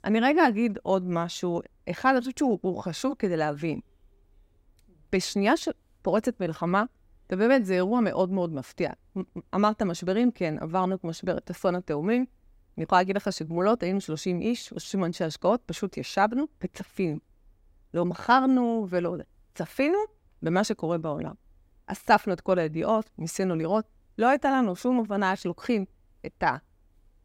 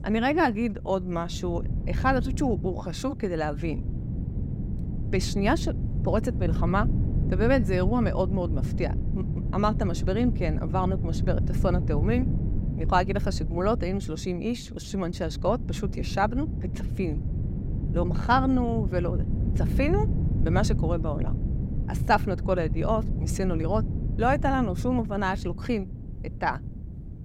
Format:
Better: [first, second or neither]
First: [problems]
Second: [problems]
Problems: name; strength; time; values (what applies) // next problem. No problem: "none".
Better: first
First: none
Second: wind noise on the microphone; occasional gusts; 15 dB below the speech